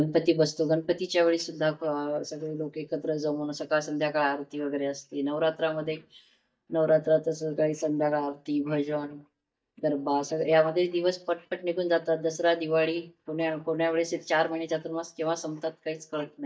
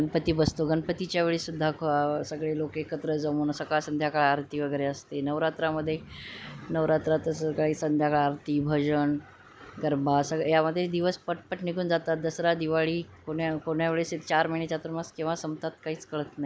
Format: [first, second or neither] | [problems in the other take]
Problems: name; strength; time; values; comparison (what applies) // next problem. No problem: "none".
second | noise reduction (neural mask model DeepFilterNet 3)